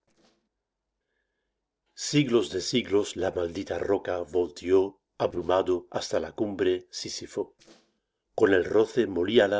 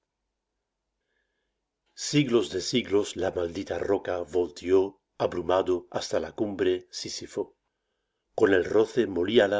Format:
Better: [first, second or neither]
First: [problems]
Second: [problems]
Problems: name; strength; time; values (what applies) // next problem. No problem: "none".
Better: second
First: noise reduction (neural separator model SepFormer DNS4)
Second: none